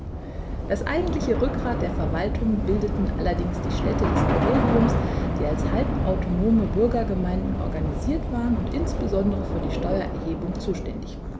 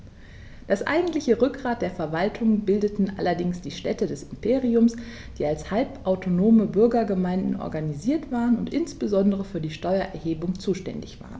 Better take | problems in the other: second | background sound (Subway, metro, underground / Train); 1 dB above the speech

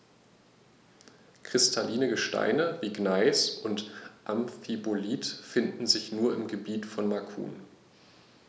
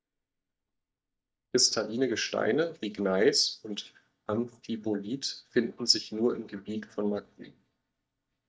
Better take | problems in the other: first | noise reduction (neural mask model DeepFilterNet 3)

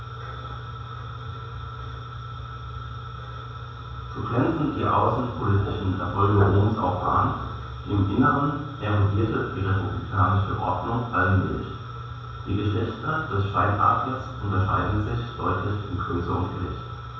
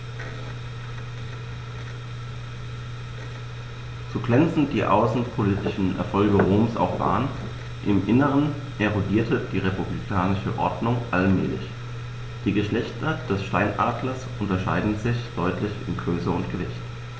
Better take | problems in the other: second | room echo; dies away in 0.7 s

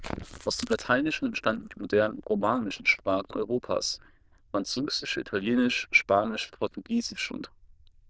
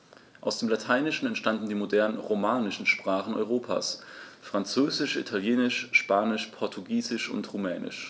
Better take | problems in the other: second | noise reduction (neural diffusion model UNIVERSE++)

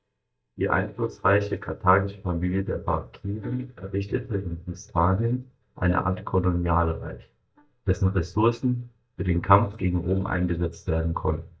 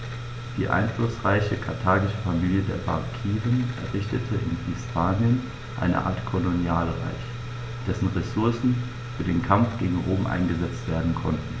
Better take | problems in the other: second | noise reduction (neural mask model DeepFilterNet 3)

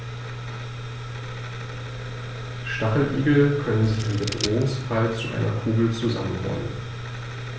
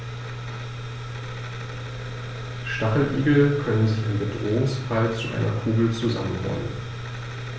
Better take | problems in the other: second | background sound (Scissors); 10 dB below the speech

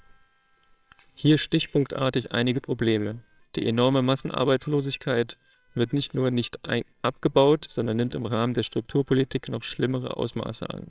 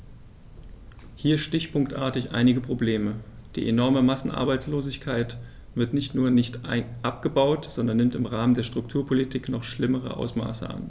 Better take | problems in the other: second | noise reduction (neural separator model SepFormer WHAMR!)

